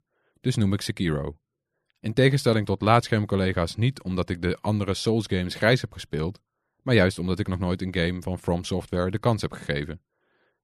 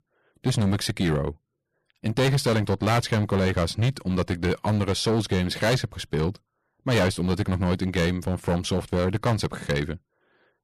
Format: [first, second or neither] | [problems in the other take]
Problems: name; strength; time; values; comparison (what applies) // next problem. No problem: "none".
first | distortion; heavy; 12% of the sound clipped